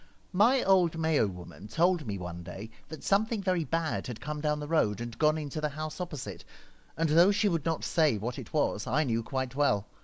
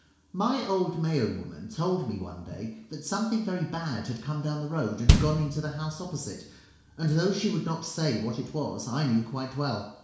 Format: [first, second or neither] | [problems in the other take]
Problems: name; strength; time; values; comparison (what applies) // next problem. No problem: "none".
first | background sound (Bass drum); 2 dB above the speech // room echo; dies away in 0.7 s